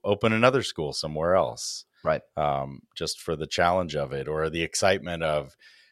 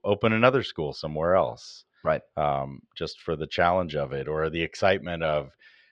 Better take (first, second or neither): first